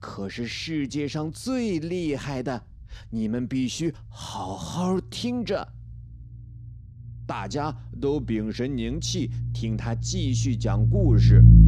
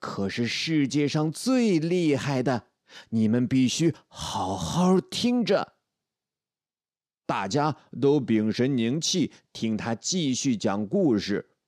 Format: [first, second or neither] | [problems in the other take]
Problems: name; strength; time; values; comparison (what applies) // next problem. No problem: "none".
second | low rumble; loud; throughout; 4 dB below the speech